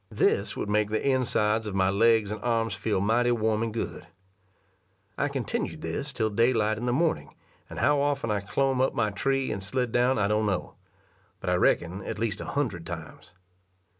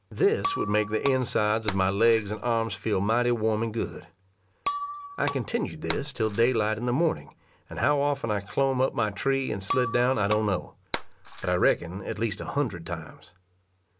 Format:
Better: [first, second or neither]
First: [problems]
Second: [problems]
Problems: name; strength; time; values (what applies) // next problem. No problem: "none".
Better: first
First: none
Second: background sound (Shatter); 11 dB below the speech